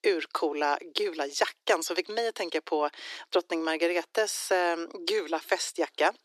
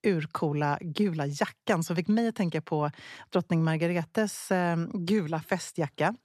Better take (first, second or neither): second